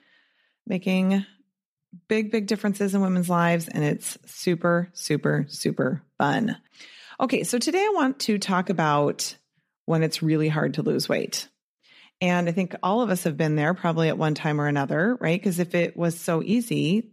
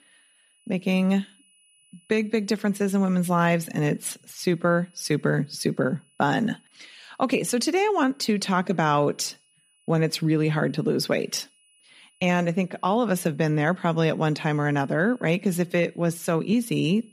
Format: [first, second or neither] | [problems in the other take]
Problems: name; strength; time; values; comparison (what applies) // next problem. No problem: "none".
first | high-pitched whine; faint; throughout; 10 kHz, 35 dB below the speech